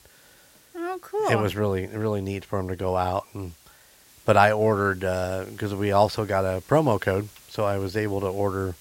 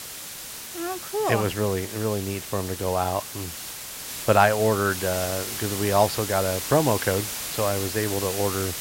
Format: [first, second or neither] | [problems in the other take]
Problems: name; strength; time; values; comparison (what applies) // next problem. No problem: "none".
first | hiss; loud; throughout; 6 dB below the speech; faint in the first